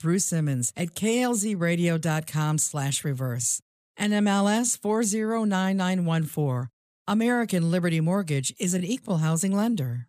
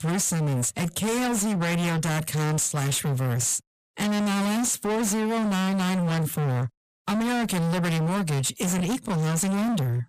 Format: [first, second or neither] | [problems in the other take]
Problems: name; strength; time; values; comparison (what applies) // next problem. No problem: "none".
first | distortion; heavy; 53% of the sound clipped